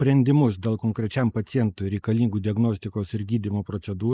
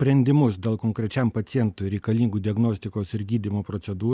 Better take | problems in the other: second | noise reduction (neural mask model Resemble Enhance denoiser)

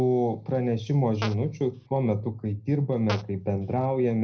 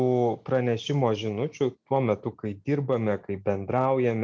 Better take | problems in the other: second | background sound (Fart); 16 dB below the speech // room echo; dies away in 0.4 s

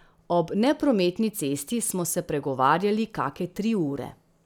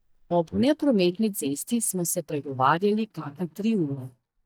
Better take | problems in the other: first | noise reduction (neural mask model DeepFilterNet 3)

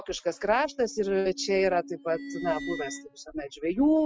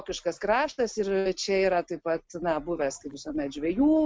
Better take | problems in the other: second | noise reduction (classical method spectral subtraction)

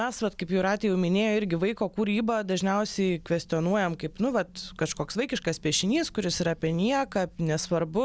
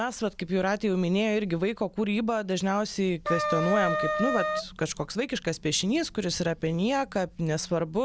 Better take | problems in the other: first | background sound (Wind instrument, woodwind instrument); as loud as the speech

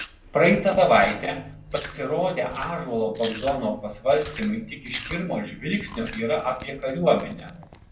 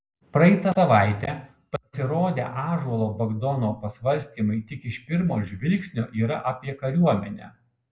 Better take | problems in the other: second | background sound (Chewing, mastication); 17 dB below the speech // room echo; dies away in 0.2 s

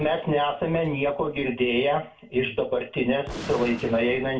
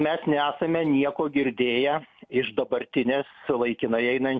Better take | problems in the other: second | background sound (Gunshot, gunfire); 17 dB below the speech // room echo; dies away in 0.3 s

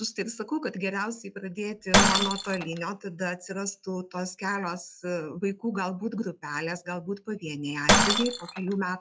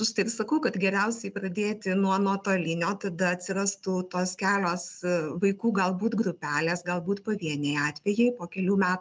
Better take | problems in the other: second | noise reduction (classical method log-MMSE)

